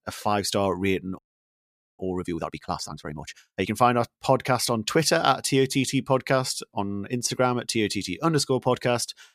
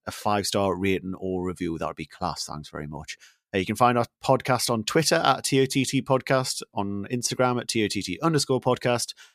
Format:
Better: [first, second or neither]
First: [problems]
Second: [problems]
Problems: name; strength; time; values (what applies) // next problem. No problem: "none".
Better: second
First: audio freezing; at 1 s for 1 s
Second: none